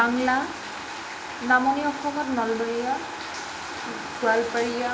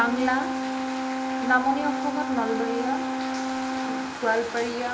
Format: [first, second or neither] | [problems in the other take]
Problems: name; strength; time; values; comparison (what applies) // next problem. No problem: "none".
first | background sound (Brass instrument); 2 dB below the speech